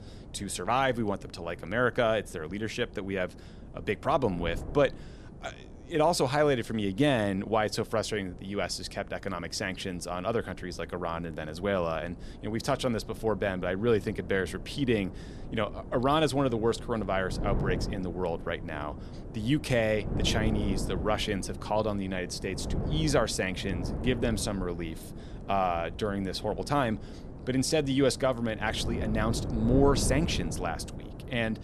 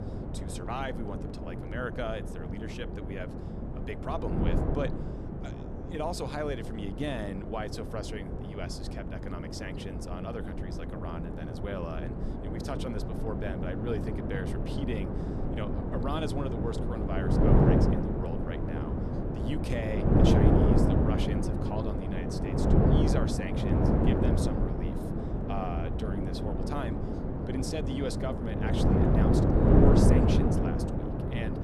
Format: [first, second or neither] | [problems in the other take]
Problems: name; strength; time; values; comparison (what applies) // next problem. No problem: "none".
first | wind noise on the microphone; heavy; 4 dB above the speech; occasional gusts in the first